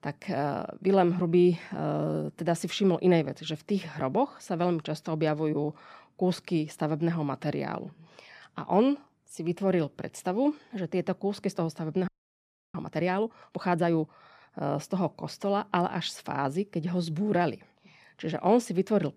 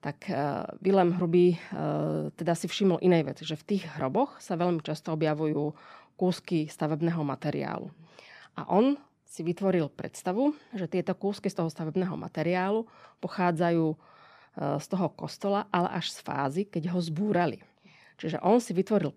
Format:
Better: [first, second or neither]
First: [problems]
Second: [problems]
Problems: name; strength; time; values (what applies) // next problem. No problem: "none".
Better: second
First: audio freezing; at 12 s for 0.5 s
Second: none